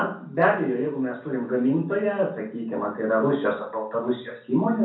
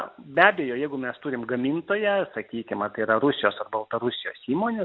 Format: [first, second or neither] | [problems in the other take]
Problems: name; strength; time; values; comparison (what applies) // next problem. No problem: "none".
second | room echo; dies away in 0.6 s